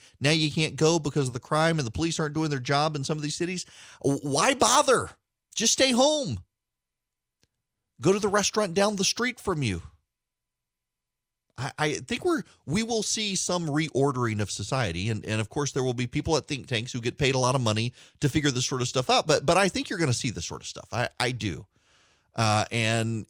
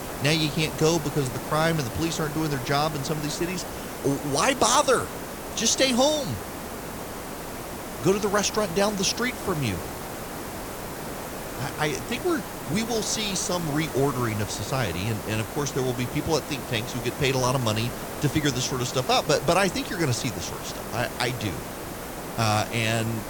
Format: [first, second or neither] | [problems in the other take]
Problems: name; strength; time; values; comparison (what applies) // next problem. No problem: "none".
first | hiss; loud; throughout; 9 dB below the speech